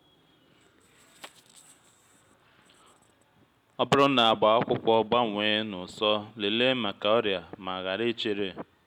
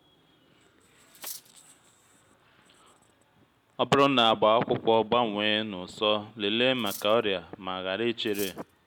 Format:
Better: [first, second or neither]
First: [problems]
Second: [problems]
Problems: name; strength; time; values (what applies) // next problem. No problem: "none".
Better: first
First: none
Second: background sound (Cutlery, silverware); 16 dB below the speech